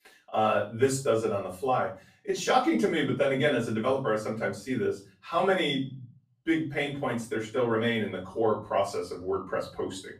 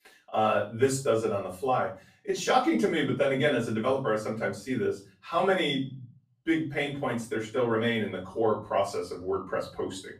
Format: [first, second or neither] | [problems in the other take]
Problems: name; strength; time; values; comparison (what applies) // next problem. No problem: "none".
neither | off-mic speech; far; the same in both // room echo; slight; dies away in 0.4 s; the same in both